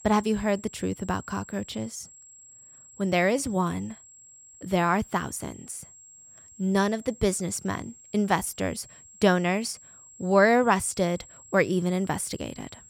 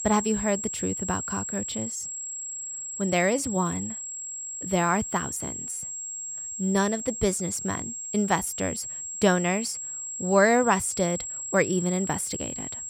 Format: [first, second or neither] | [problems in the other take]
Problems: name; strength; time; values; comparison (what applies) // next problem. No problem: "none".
first | high-pitched whine; loud; throughout; 7.5 kHz, 5 dB below the speech; faint in the first